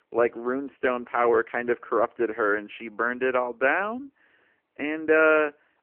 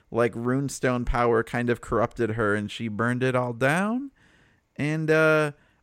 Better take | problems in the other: second | phone-call audio; poor line

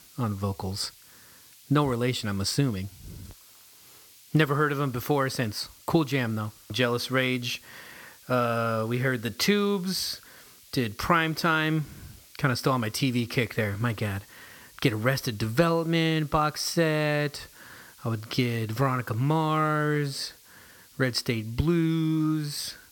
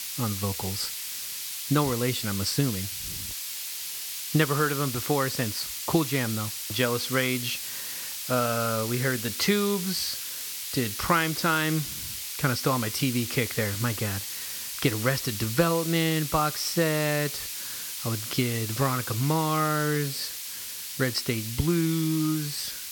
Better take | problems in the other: first | hiss; loud; throughout; 5 dB below the speech; faint in the first

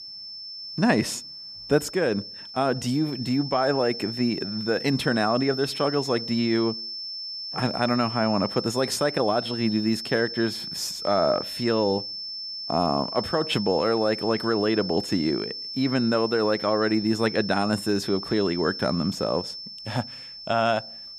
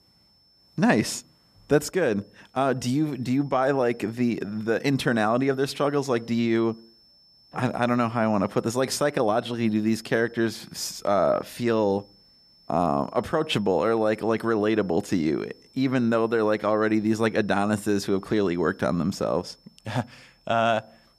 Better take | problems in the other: second | high-pitched whine; loud; throughout; 5.5 kHz, 8 dB below the speech; faint in the second

